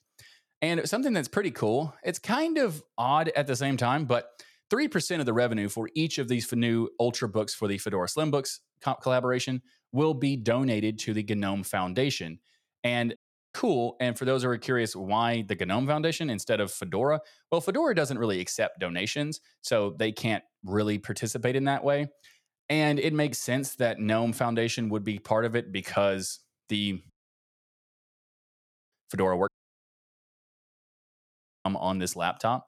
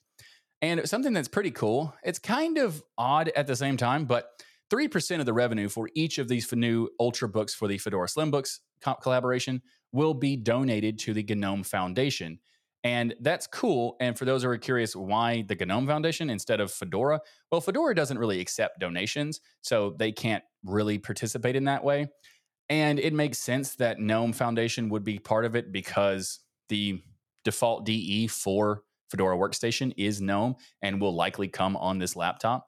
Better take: second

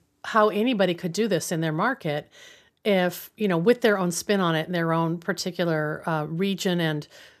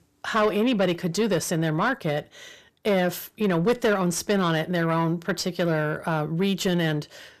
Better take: first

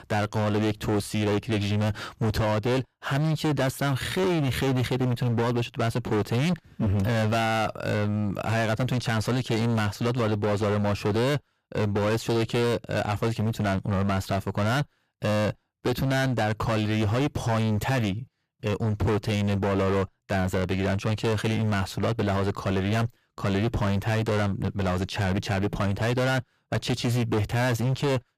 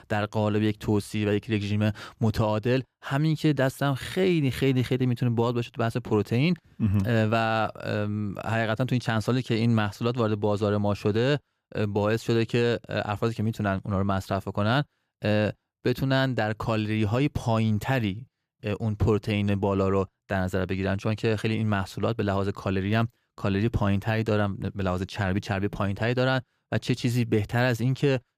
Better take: second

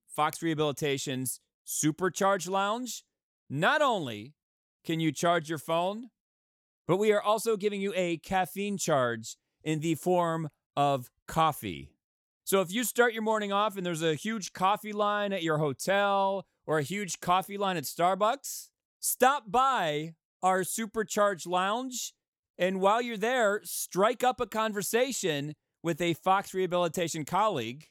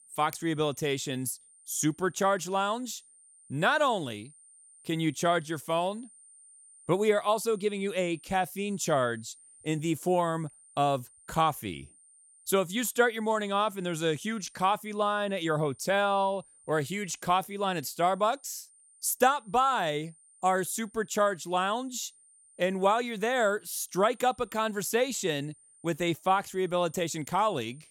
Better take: first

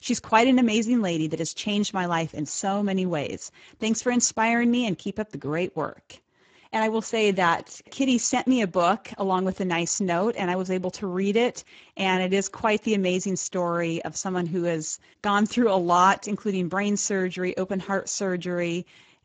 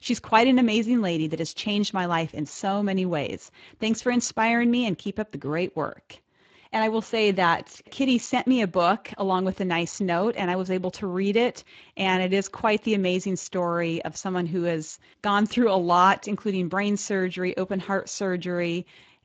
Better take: second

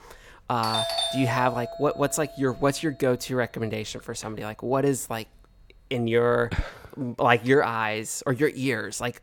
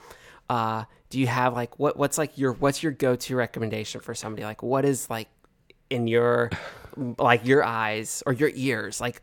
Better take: second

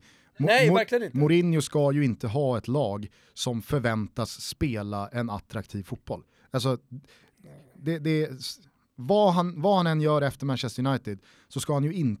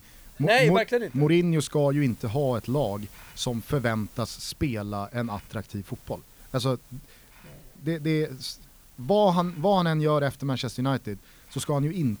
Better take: first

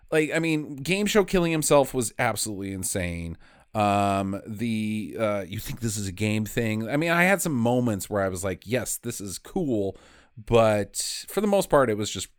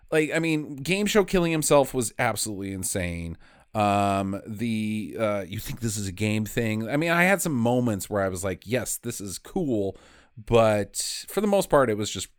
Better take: neither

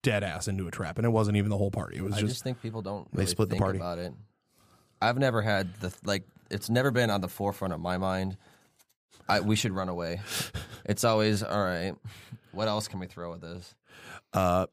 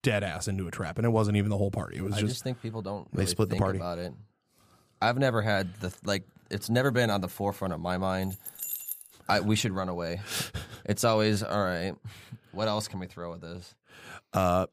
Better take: first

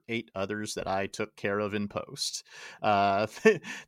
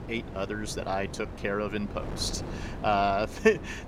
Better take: first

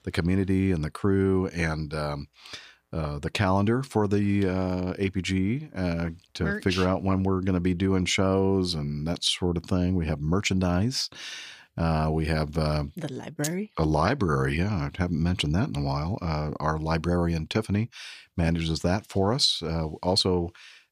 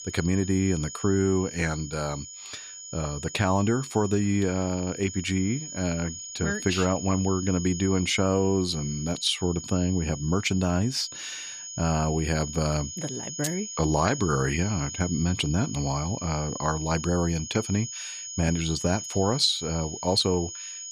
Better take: first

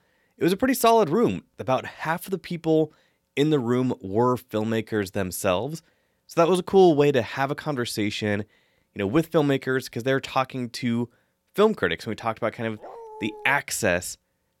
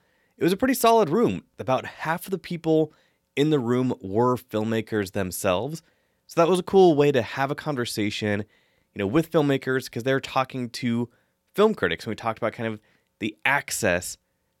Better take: second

